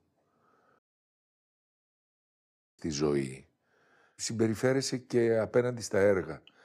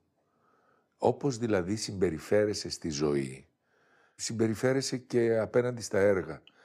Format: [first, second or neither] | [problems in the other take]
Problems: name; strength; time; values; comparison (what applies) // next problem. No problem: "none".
second | audio cutting out; at 1 s for 2 s